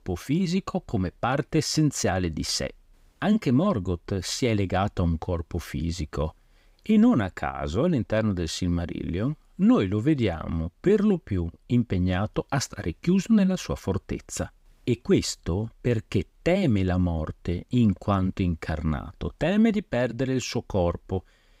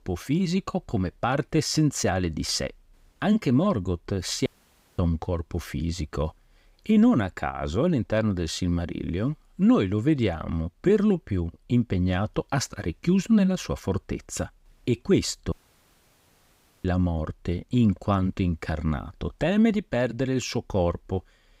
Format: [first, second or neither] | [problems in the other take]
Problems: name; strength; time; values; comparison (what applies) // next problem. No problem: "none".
first | audio cutting out; at 4.5 s for 0.5 s and at 16 s for 1.5 s